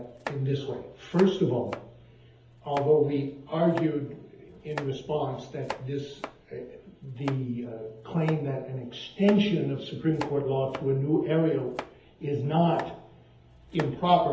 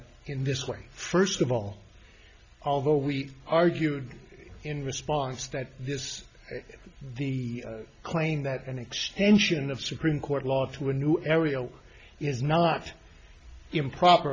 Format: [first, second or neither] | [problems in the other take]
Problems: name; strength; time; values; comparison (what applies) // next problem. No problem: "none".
second | background sound (Domestic sounds, home sounds); 16 dB below the speech // room echo; dies away in 0.8 s